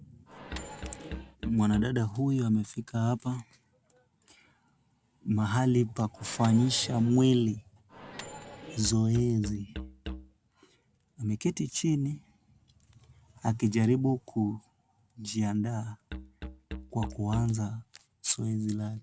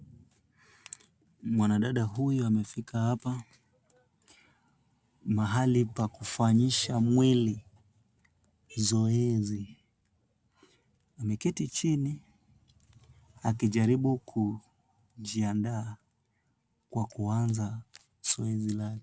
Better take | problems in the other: second | background sound (Musical instrument + Microwave oven); 12 dB below the speech

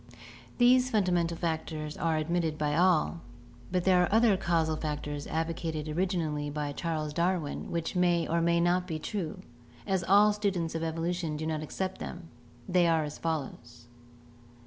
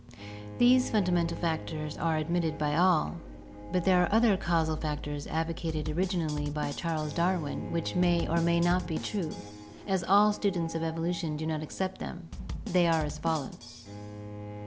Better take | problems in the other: first | background sound (Bowed string instrument + Bass drum / Snare drum); 12 dB below the speech

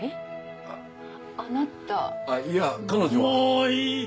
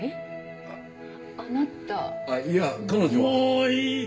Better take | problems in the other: first | room echo; dies away in 0.8 s

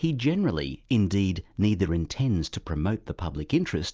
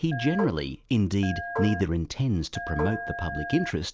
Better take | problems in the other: first | background sound (Telephone + Marimba, xylophone); 8 dB below the speech

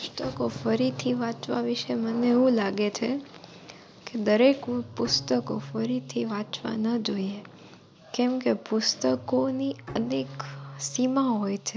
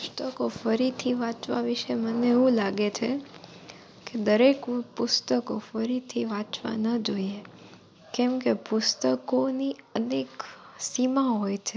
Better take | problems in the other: second | background sound (Bowed string instrument + Guitar); 18 dB below the speech

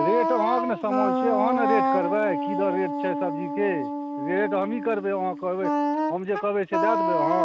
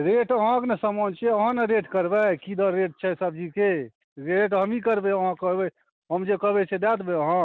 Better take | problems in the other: second | background sound (Wind instrument, woodwind instrument); as loud as the speech

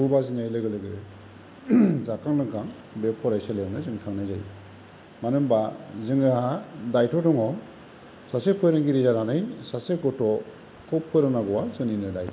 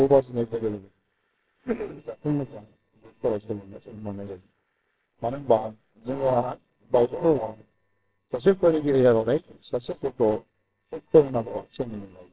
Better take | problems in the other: first | noise reduction (neural separator model SepFormer WHAMR!)

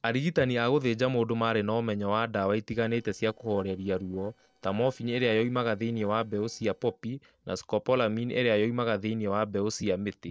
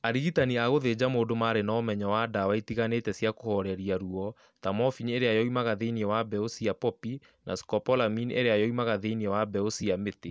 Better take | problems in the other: second | noise reduction (neural separator model SepFormer DNS4)

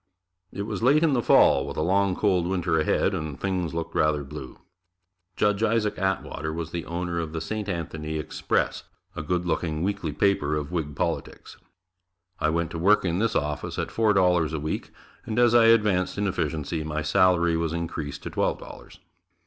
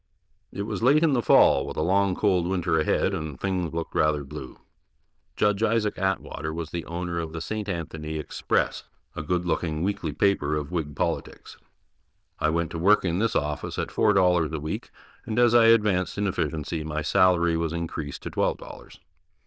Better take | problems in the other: first | noise reduction (neural diffusion model UNIVERSE++)

